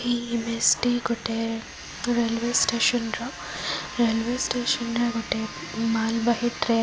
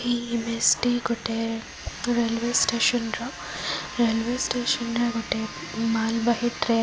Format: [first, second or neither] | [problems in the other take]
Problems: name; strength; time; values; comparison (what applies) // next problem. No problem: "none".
first | background sound (Whoosh, swoosh, swish); 13 dB below the speech